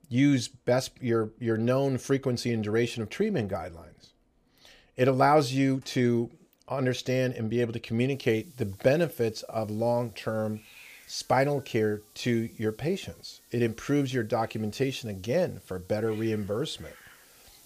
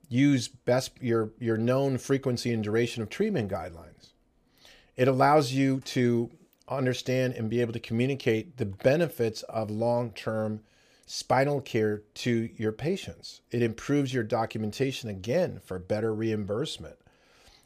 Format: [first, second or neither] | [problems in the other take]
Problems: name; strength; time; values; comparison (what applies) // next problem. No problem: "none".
second | hiss; faint; from 8 s on; 25 dB below the speech